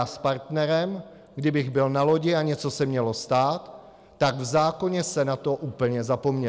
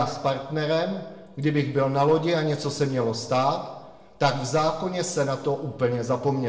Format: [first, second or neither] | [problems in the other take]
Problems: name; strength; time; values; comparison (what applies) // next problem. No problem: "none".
first | room echo; dies away in 0.8 s